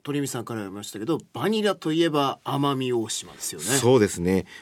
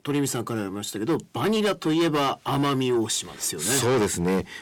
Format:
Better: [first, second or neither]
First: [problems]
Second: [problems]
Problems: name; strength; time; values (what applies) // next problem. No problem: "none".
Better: first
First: none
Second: distortion; heavy; 7 dB below the speech